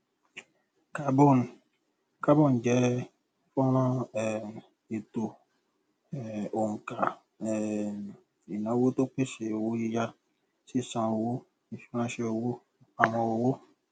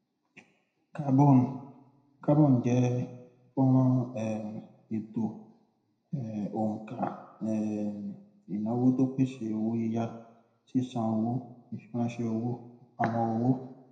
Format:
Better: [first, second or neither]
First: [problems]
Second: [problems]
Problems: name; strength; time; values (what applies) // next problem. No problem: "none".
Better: first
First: none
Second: room echo; dies away in 0.7 s